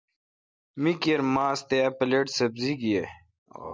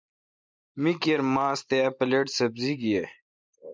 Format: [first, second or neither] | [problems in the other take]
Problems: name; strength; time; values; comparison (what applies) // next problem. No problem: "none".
first | noise reduction (neural mask model Resemble Enhance denoiser)